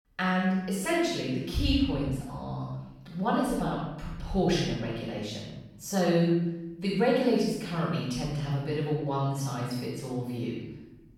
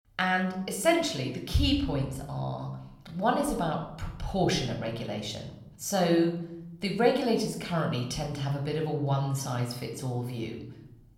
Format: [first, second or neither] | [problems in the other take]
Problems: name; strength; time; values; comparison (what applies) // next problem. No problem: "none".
second | room echo; strong; dies away in 1 s; slight in the second // off-mic speech; far